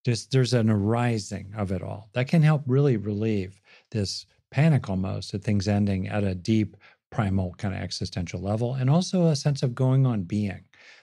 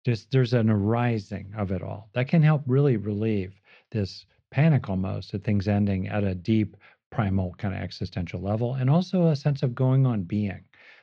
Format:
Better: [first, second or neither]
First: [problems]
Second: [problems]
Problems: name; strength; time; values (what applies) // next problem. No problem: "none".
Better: first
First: none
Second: muffled; slightly; fading above 3.5 kHz